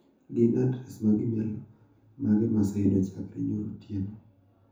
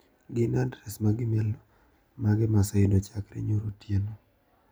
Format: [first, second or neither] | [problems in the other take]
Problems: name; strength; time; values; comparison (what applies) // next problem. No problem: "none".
second | room echo; dies away in 0.7 s